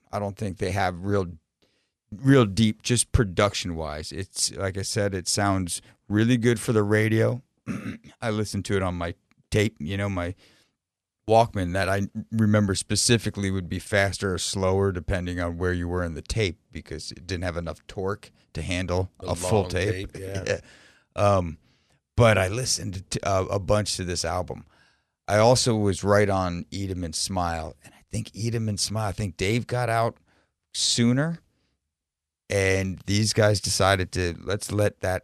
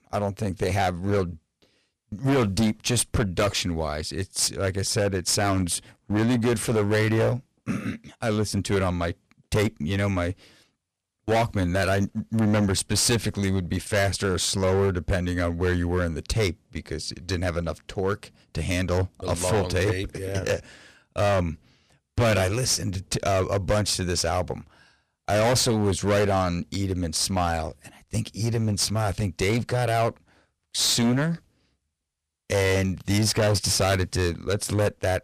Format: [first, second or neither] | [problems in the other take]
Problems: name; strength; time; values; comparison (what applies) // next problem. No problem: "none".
first | distortion; heavy; 11% of the sound clipped